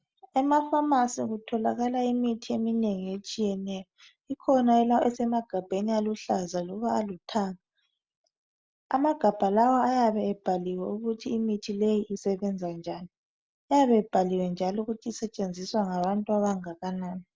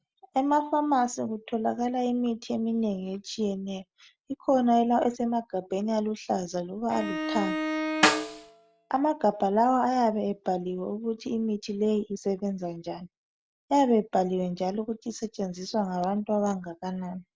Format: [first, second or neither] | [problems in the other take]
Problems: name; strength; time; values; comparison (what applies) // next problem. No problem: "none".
first | background sound (Bowed string instrument + Snare drum); 3 dB below the speech